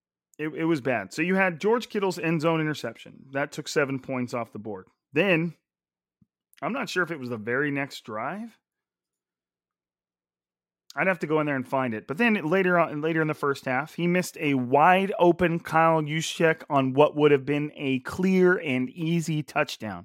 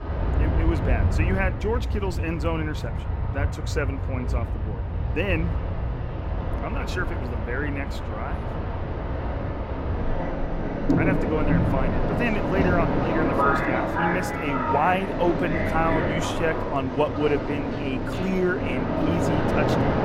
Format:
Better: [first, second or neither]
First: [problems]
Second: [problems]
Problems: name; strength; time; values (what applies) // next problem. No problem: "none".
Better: first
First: none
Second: train or aircraft noise; very loud; throughout; 2 dB above the speech